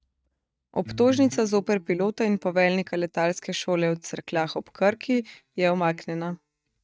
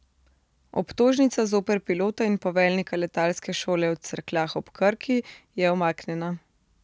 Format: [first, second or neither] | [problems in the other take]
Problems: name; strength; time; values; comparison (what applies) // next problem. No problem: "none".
second | noise reduction (neural mask model DeepFilterNet 3)